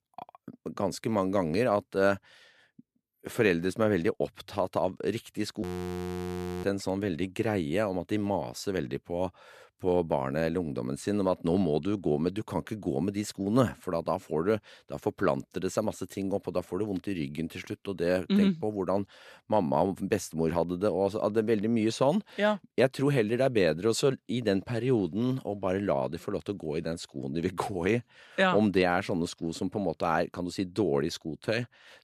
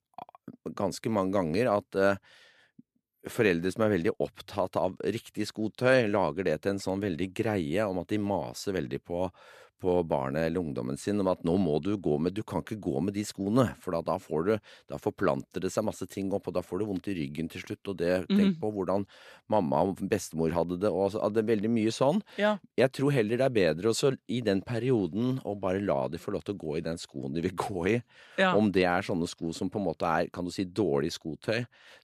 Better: second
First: audio freezing; at 5.5 s for 1 s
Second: none

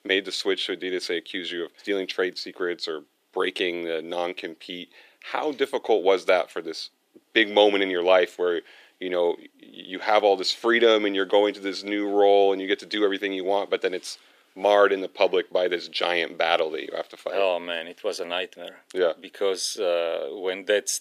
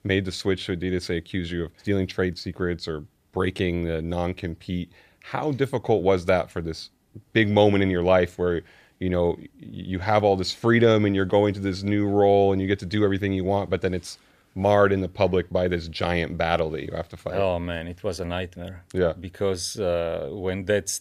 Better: second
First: thin; somewhat; fading below 300 Hz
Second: none

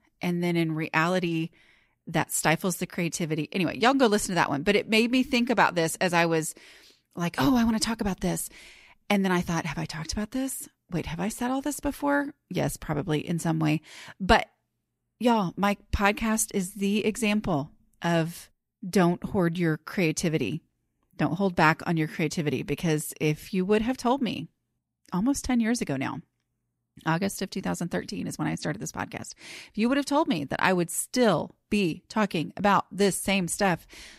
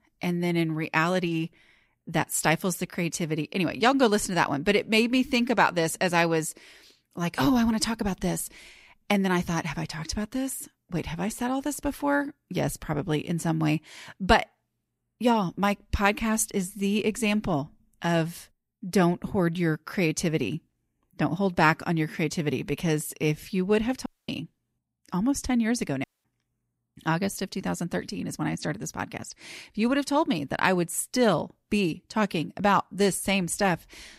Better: first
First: none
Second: audio cutting out; at 24 s and at 26 s

